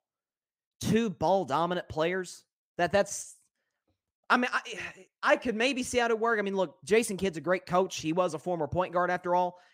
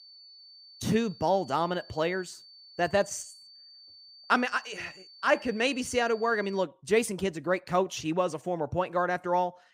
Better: first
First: none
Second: high-pitched whine; faint; until 6.5 s; 4.5 kHz, 20 dB below the speech

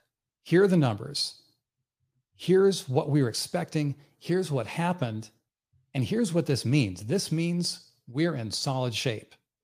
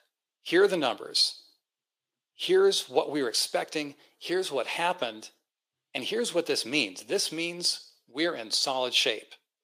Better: first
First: none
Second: thin; very; fading below 400 Hz

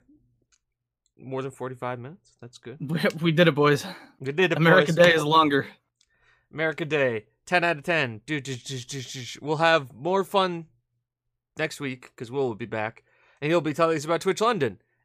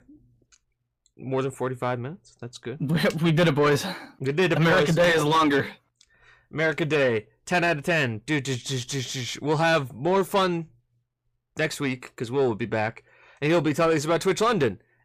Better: first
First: none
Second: distortion; heavy; 7 dB below the speech

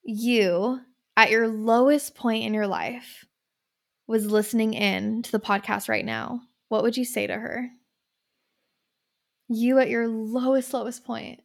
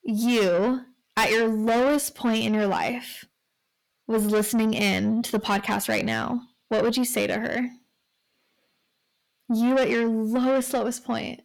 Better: first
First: none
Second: distortion; heavy; 7 dB below the speech

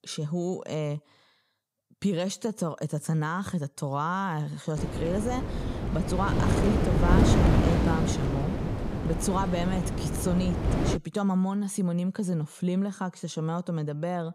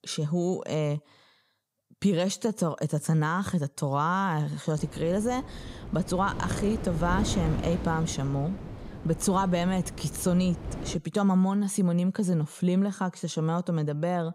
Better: second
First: wind noise on the microphone; heavy; from 5 to 11 s; as loud as the speech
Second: wind noise on the microphone; occasional gusts; from 5 to 11 s; 10 dB below the speech

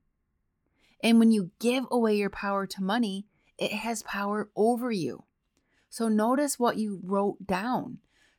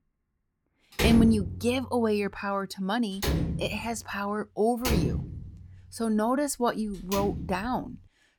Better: first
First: none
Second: door banging; loud; from 1 to 7.5 s; peak 3 dB above the speech

